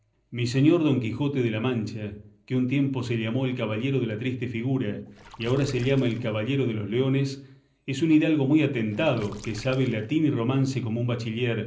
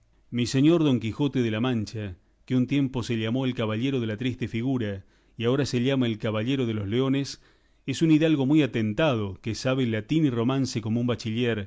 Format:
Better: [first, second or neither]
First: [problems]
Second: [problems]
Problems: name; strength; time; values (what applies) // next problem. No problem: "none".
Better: second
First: noise reduction (neural separator model SepFormer DNS4)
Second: none